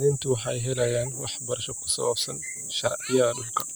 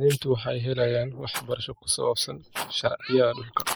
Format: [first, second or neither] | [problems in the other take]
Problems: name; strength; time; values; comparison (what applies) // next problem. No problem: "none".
first | noise reduction (neural mask model Resemble Enhance denoiser)